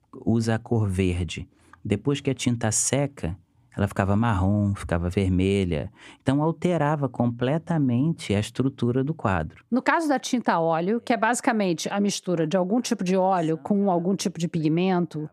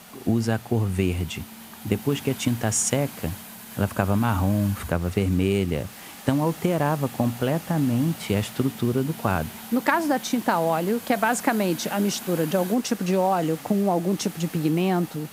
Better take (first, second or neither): first